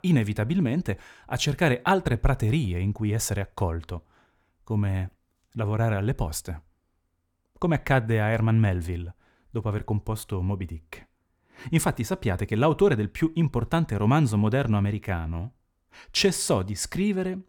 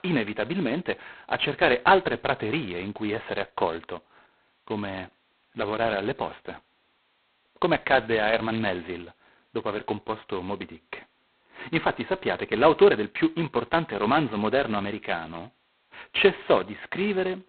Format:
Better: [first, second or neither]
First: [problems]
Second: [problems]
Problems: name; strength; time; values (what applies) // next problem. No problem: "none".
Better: first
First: none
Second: phone-call audio; poor line; nothing above 4 kHz